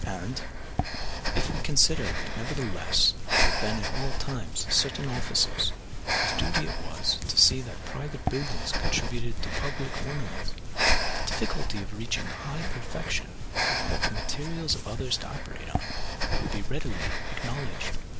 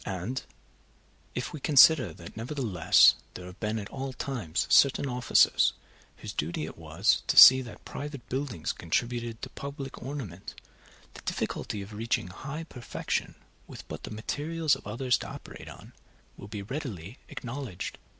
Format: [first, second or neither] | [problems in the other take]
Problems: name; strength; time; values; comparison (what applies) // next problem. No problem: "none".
second | background sound (Breathing); 4 dB above the speech